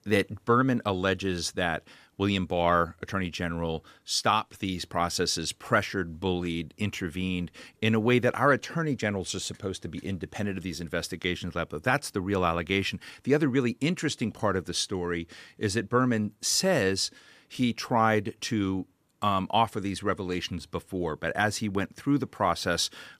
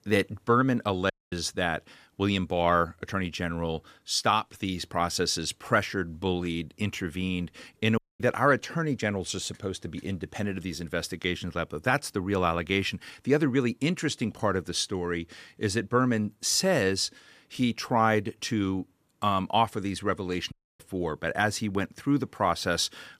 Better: first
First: none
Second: audio cutting out; at 1 s, at 8 s and at 21 s

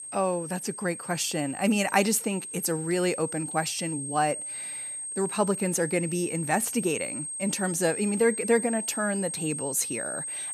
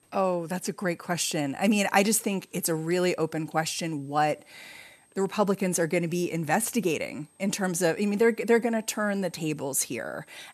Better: second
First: high-pitched whine; loud; throughout; 8.5 kHz, 6 dB below the speech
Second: high-pitched whine; faint; throughout; 8.5 kHz, 35 dB below the speech

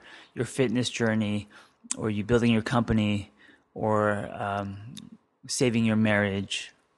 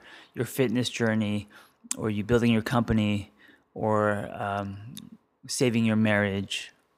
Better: second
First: garbled, watery; slightly; nothing above 10.5 kHz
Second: none

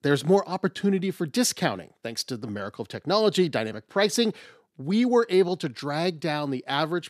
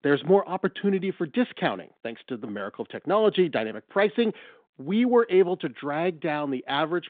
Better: first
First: none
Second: phone-call audio; nothing above 3.5 kHz

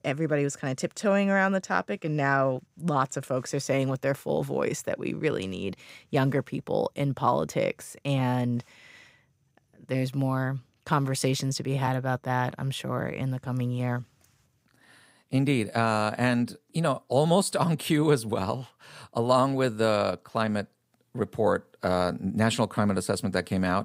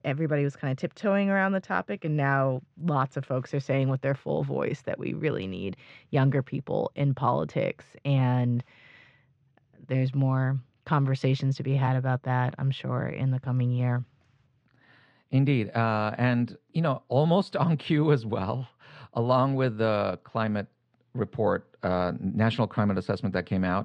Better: first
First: none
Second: muffled; slightly; fading above 3.5 kHz

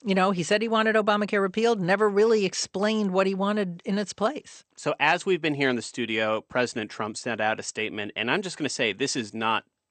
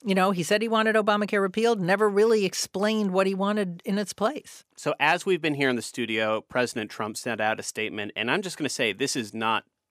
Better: second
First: garbled, watery; slightly; nothing above 8.5 kHz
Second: none

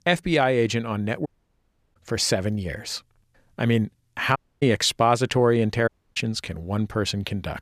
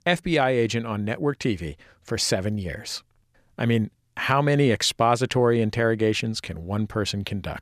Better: second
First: audio cutting out; at 1.5 s for 0.5 s, at 4.5 s and at 6 s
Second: none

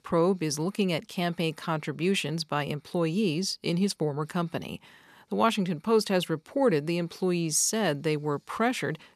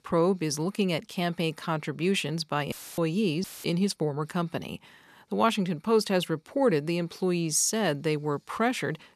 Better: first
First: none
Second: audio cutting out; filled with static; at 2.5 s and at 3.5 s

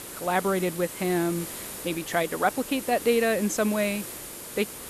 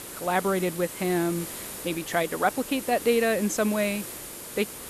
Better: neither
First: hiss; loud; throughout; 9 dB below the speech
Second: hiss; loud; throughout; 9 dB below the speech

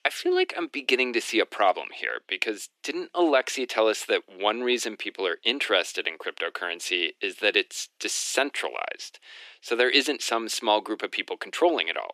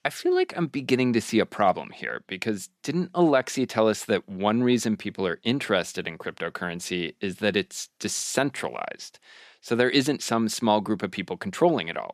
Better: second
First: thin; somewhat; fading below 300 Hz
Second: none

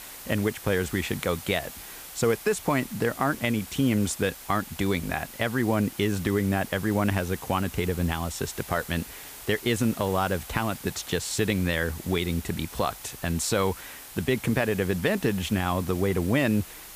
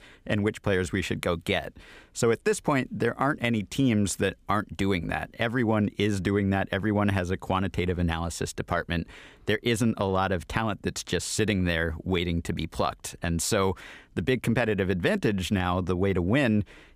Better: second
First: hiss; noticeable; throughout; 15 dB below the speech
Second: none

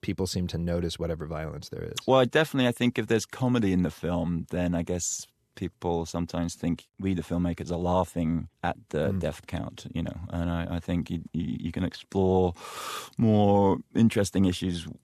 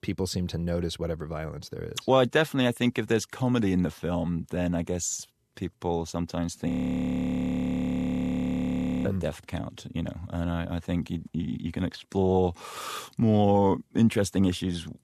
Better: first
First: none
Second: audio freezing; at 6.5 s for 2.5 s

